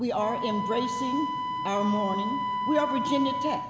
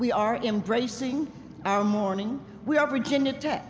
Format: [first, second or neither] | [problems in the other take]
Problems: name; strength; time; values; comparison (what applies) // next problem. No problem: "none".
second | background sound (Wind instrument, woodwind instrument); 2 dB below the speech // room echo; dies away in 2 s